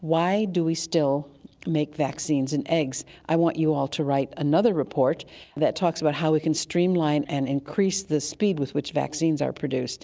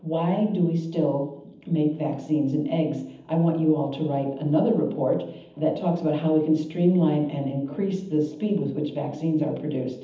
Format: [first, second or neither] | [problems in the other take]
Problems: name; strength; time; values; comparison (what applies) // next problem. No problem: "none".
first | room echo; dies away in 0.8 s